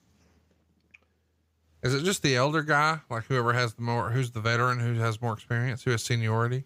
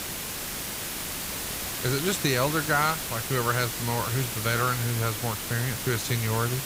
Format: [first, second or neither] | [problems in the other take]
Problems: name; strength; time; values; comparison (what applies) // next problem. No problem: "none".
first | hiss; loud; throughout; 3 dB below the speech